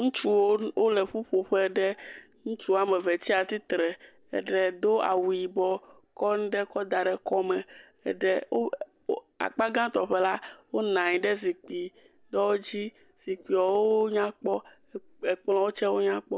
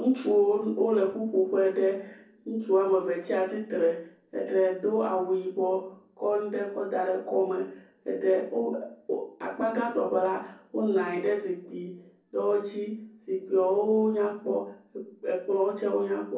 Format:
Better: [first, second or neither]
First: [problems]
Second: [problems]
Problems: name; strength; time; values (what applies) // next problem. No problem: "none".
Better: first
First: none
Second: room echo; dies away in 0.6 s